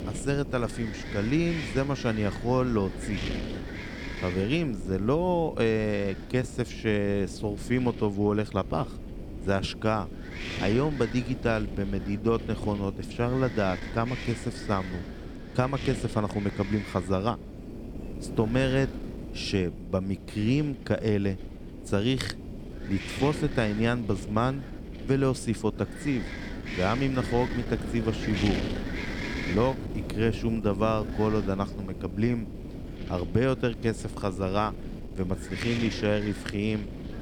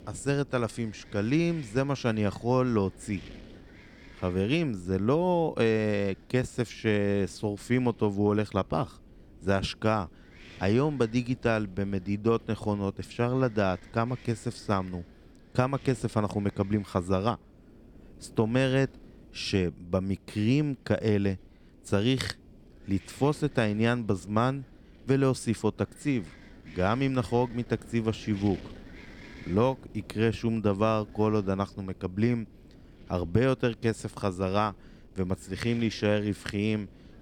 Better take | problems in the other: second | wind noise on the microphone; heavy; 9 dB below the speech; occasional gusts in the second

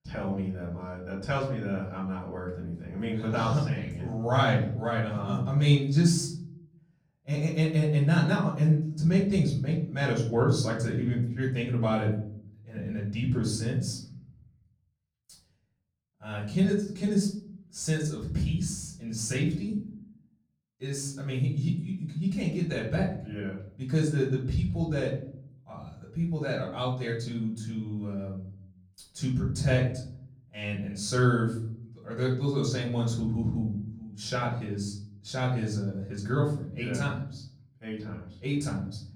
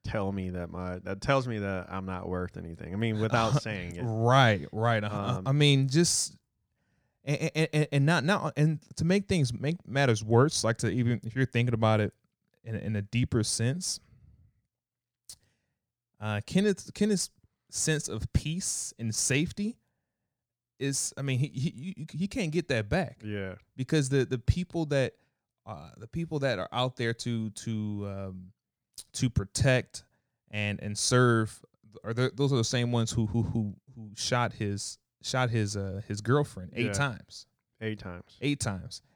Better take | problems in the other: second | off-mic speech; far // room echo; slight; dies away in 0.8 s

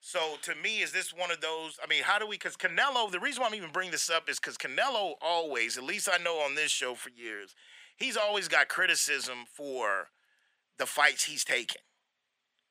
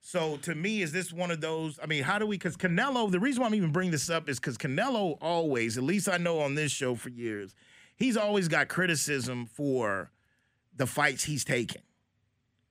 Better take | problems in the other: second | thin; very; fading below 750 Hz

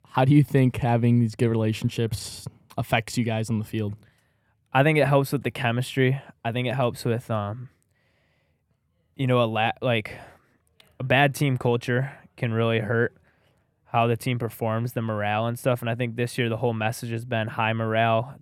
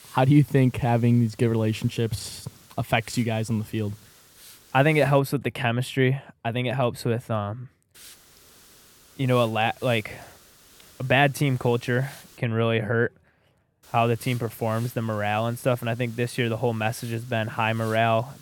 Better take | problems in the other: first | hiss; faint; until 5 s, from 8 to 12 s and from 14 s on; 25 dB below the speech

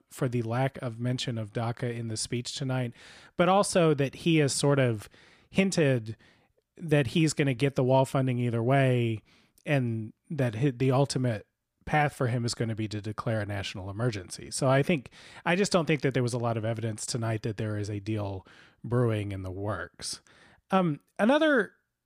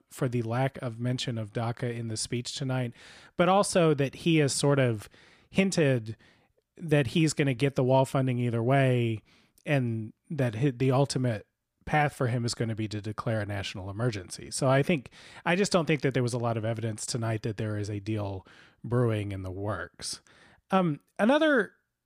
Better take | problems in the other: neither | none

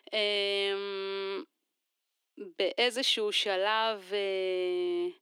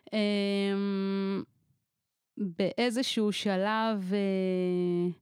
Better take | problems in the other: second | thin; very; fading below 300 Hz

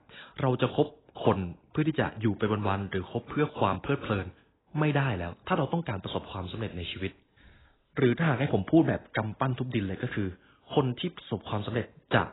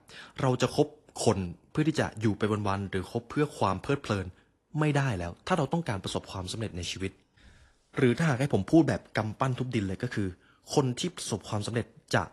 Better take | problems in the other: second | garbled, watery; badly; nothing above 4 kHz; slightly in the second

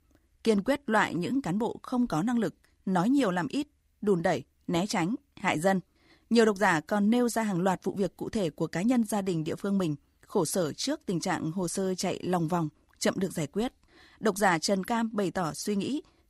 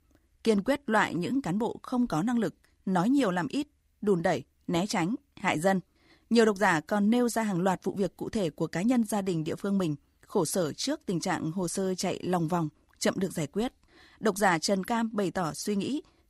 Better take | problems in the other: neither | none

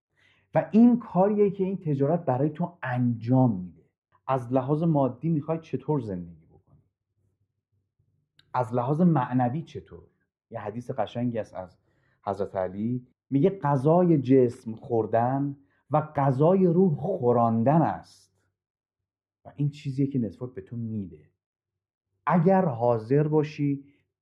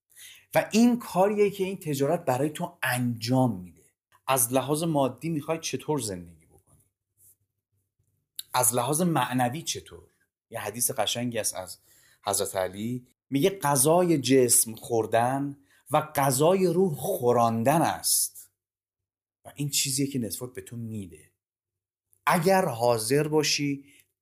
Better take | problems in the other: second | muffled; very; fading above 1.5 kHz

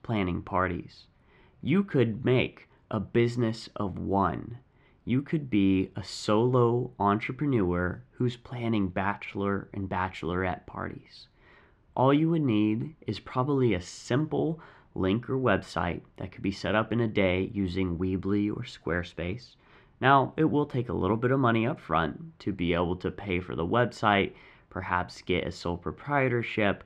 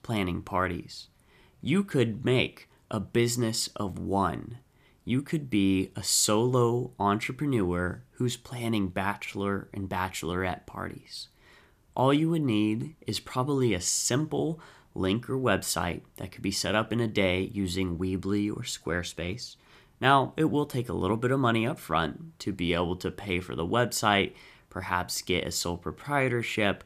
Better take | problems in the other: second | muffled; slightly; fading above 2.5 kHz

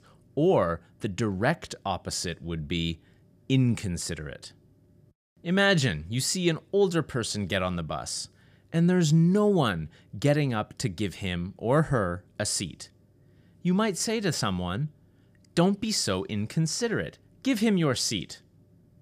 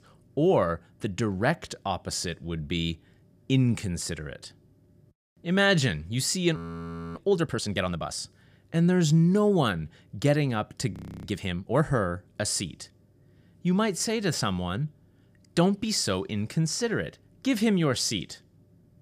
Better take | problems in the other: first | audio freezing; at 6.5 s for 0.5 s and at 11 s

